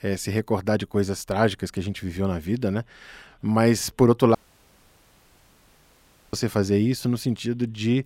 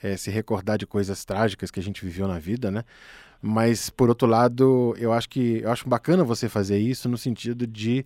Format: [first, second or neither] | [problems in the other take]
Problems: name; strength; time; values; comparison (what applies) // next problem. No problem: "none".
second | audio cutting out; at 4.5 s for 2 s